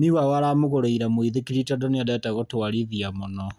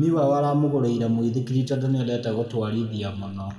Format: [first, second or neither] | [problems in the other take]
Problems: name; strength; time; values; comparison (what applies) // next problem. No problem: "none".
first | room echo; dies away in 1.4 s